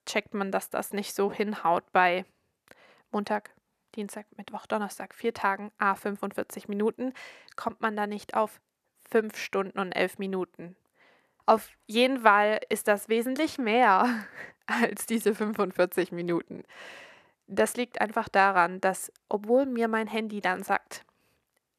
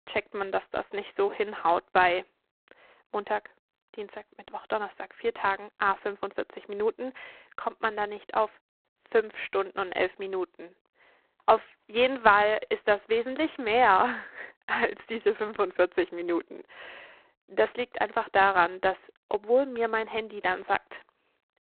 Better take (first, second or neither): first